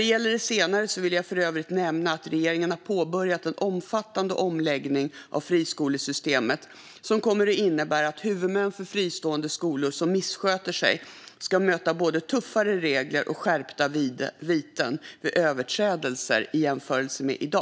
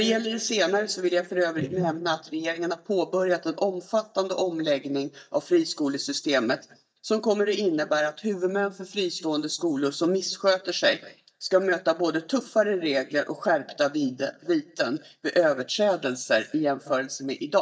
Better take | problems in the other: first | noise reduction (neural mask model DeepFilterNet 3)

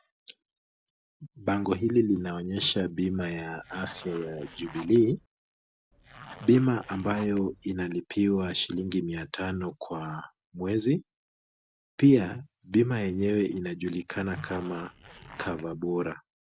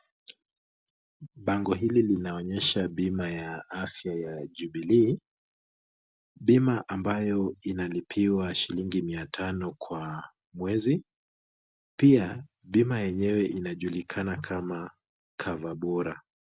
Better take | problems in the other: second | background sound (Zipper (clothing)); 18 dB below the speech

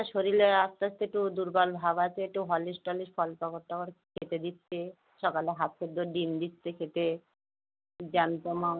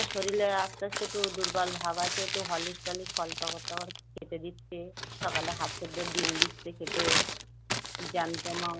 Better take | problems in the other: first | background sound (Crumpling, crinkling); as loud as the speech

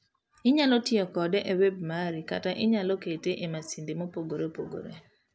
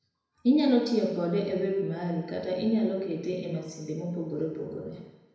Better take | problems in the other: first | room echo; dies away in 1 s

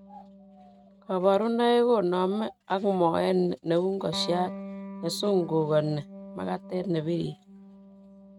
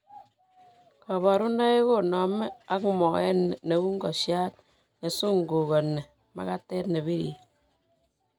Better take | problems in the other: second | noise reduction (neural mask model RNNoise)

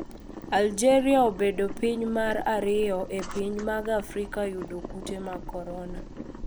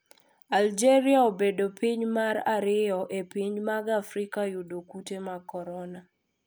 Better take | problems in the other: second | background sound (Boiling); 11 dB below the speech

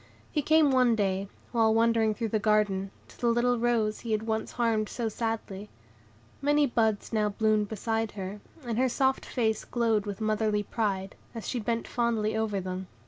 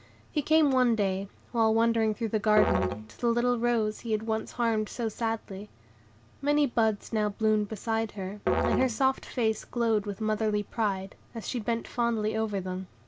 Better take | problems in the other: first | background sound (Musical instrument); 6 dB below the speech

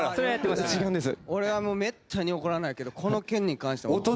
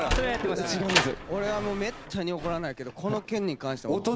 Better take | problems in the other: first | background sound (Sliding door); 4 dB below the speech

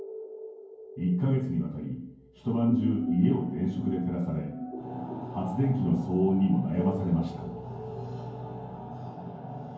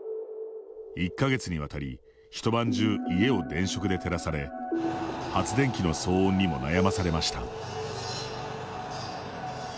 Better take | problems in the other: second | room echo; dies away in 0.9 s

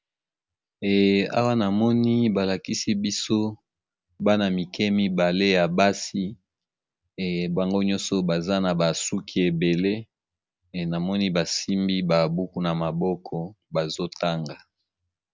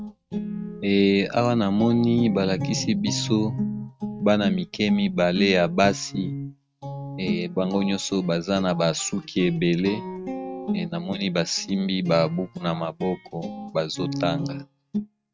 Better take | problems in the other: first | noise reduction (neural mask model RNNoise)

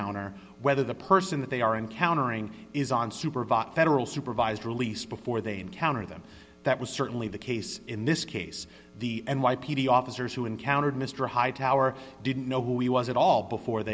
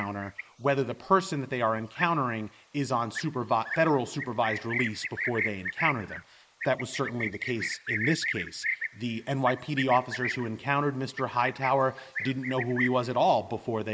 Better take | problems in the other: first | noise reduction (neural mask model Resemble Enhance denoiser)

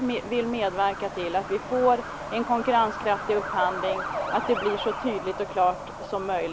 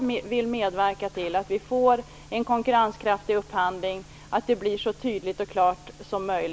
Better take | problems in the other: second | background sound (Truck); 7 dB below the speech

